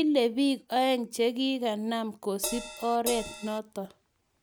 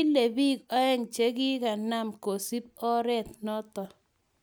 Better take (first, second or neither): second